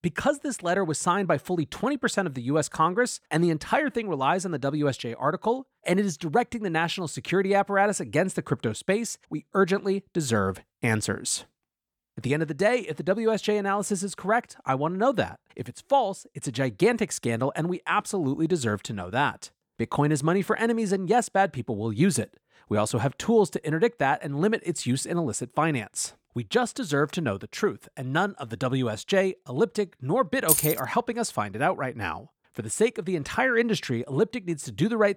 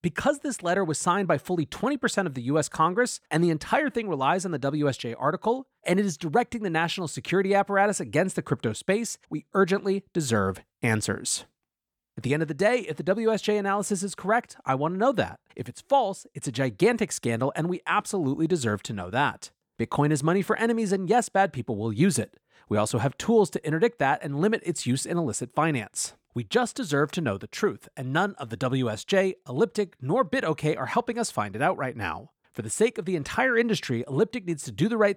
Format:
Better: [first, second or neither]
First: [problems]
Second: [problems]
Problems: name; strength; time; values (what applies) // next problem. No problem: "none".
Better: second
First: jangling keys; loud; at 30 s; peak 5 dB above the speech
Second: none